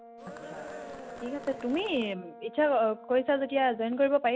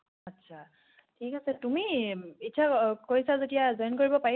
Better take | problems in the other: second | background sound (Cheering + Brass instrument); 16 dB below the speech

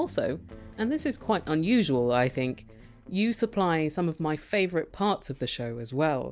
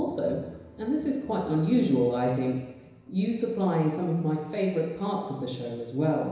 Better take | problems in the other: first | room echo; dies away in 1 s

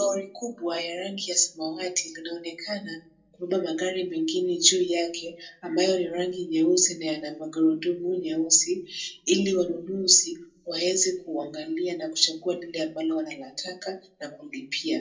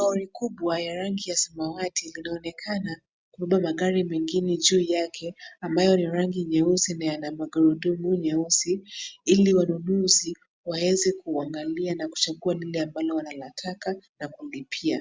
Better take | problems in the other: second | room echo; dies away in 0.2 s

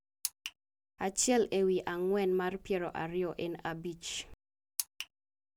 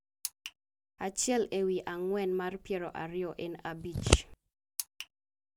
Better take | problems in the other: first | background sound (Scissors); 5 dB above the speech

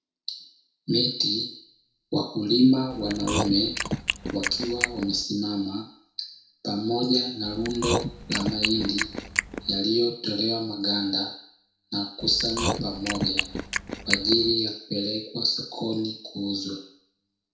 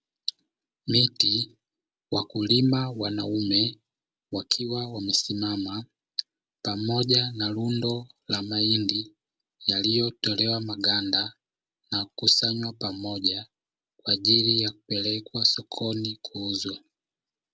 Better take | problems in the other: second | background sound (Chewing, mastication); 3 dB below the speech // room echo; dies away in 0.6 s

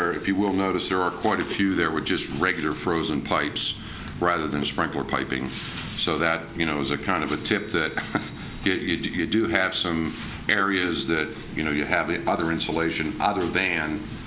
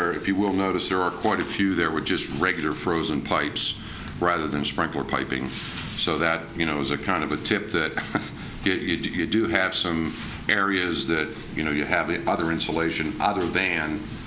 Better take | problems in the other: second | background sound (Printer + Cough); 20 dB below the speech

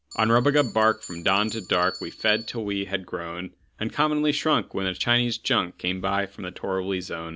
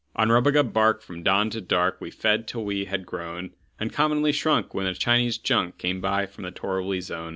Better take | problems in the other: second | background sound (Bell); 15 dB below the speech

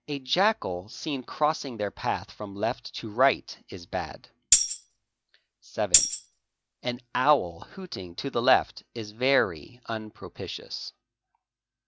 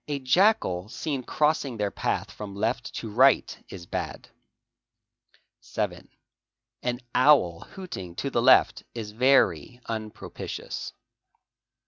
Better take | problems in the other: second | background sound (Tambourine); 2 dB above the speech

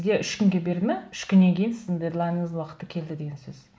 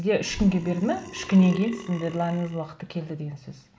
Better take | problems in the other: first | background sound (Burping, eructation); 14 dB below the speech

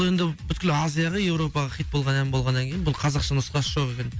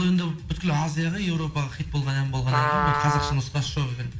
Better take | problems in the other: first | background sound (Trumpet); 4 dB below the speech // room echo; dies away in 0.7 s

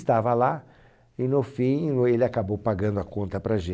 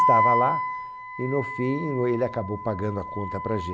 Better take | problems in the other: first | background sound (Wind instrument, woodwind instrument); 1 dB above the speech

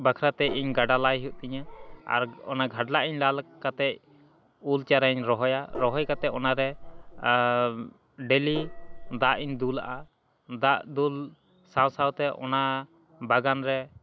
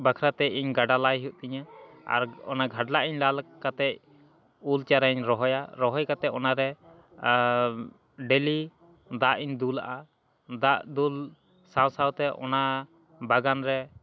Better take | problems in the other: second | background sound (Gong); 10 dB below the speech

